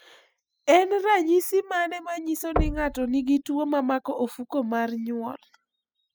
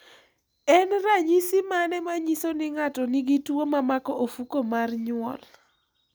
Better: second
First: noise reduction (classical method spectral subtraction)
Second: none

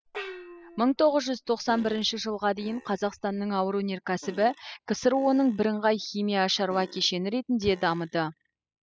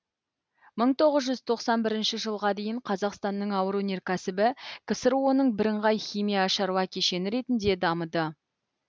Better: second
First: noise reduction (classical method spectral subtraction)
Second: none

